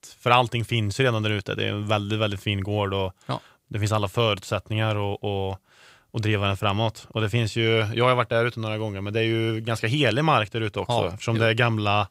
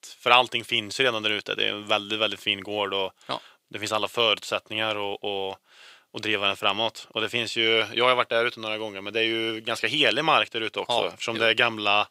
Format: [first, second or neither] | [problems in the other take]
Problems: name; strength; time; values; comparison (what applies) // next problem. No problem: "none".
first | thin; somewhat; fading below 300 Hz